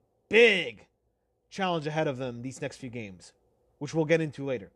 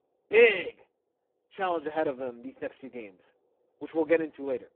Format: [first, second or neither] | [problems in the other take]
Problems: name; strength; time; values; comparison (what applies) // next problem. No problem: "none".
first | phone-call audio; poor line